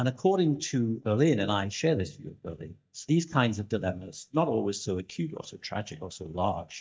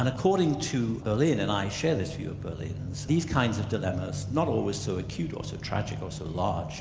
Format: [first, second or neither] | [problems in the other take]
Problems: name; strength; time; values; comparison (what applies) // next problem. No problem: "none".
second | noise reduction (neural mask model DeepFilterNet 3)